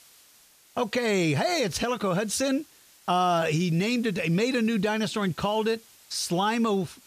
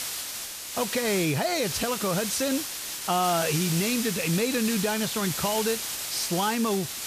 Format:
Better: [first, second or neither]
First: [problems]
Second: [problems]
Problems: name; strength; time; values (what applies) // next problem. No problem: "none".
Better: first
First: hiss; faint; throughout; 25 dB below the speech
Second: hiss; loud; throughout; 3 dB below the speech